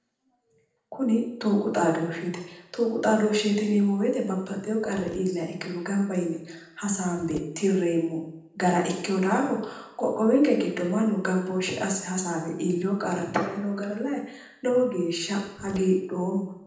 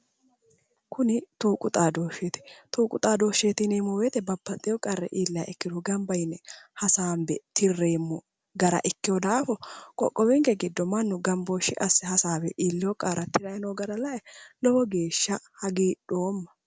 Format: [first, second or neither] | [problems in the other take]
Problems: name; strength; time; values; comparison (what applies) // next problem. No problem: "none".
second | noise reduction (neural separator model SepFormer DNS4)